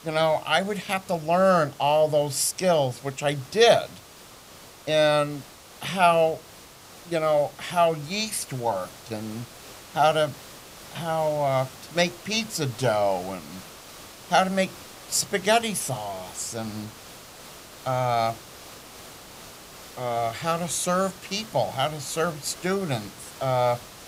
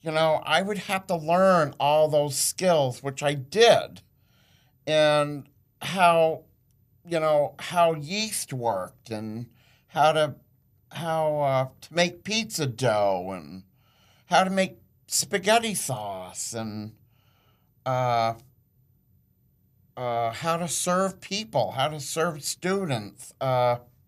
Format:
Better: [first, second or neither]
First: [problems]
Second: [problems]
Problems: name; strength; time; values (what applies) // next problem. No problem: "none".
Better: second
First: hiss; noticeable; throughout; 20 dB below the speech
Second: none